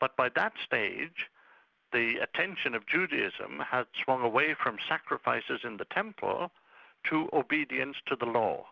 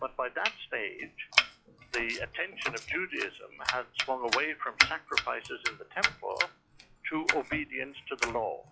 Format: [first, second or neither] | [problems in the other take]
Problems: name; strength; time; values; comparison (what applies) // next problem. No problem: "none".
first | noise reduction (classical method log-MMSE)